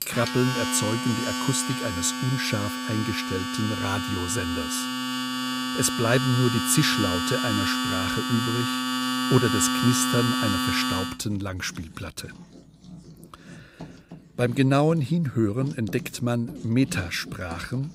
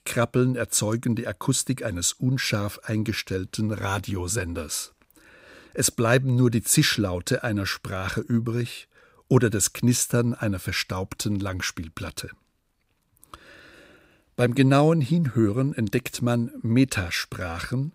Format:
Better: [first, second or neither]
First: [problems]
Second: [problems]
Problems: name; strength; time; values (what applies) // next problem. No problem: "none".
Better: second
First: household noises; loud; throughout; 1 dB below the speech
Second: none